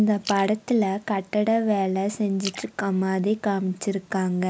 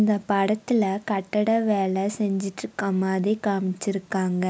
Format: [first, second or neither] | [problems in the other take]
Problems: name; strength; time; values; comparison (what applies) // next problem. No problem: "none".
second | background sound (Splash, splatter); 20 dB below the speech